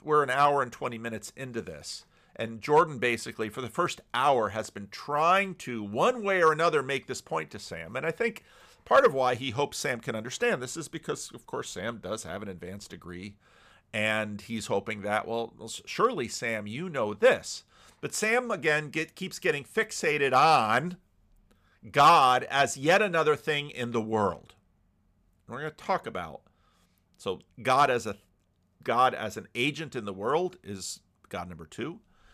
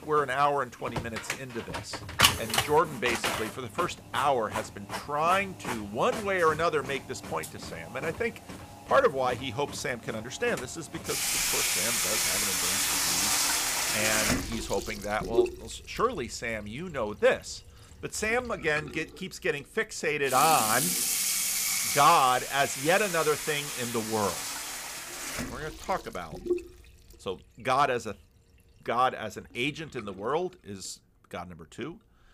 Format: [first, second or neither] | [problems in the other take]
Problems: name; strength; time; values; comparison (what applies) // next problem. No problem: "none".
first | household noises; very loud; throughout; 1 dB above the speech